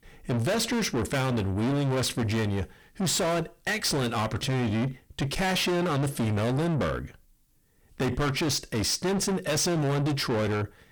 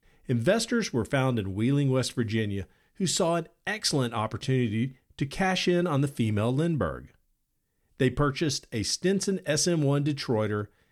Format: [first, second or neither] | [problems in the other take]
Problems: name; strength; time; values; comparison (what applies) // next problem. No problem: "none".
second | distortion; heavy; 6 dB below the speech